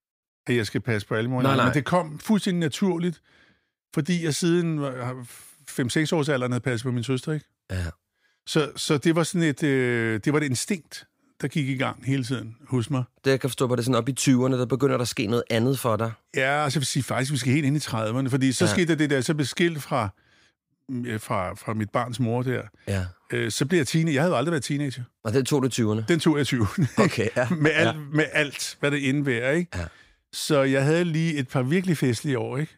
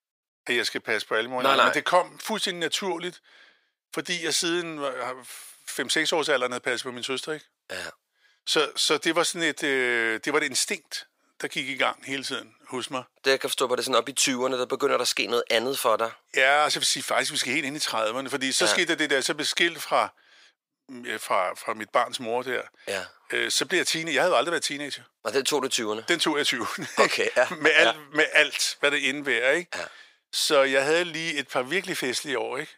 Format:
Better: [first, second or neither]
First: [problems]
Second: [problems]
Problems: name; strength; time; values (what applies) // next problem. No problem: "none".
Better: first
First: none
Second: thin; very; fading below 600 Hz